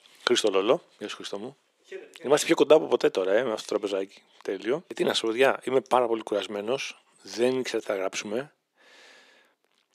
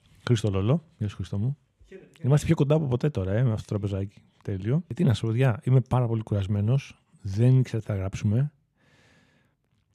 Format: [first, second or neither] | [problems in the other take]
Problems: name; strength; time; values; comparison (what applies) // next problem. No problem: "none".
second | thin; very; fading below 350 Hz